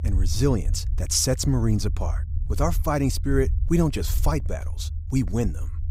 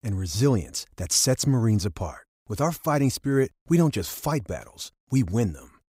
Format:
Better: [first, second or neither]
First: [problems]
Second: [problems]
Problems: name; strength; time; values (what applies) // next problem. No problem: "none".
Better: second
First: low rumble; noticeable; throughout; 20 dB below the speech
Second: none